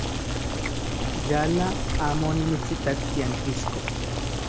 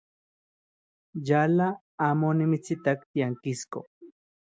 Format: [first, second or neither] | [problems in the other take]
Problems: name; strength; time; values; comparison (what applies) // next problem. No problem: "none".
second | background sound (Boiling); 2 dB above the speech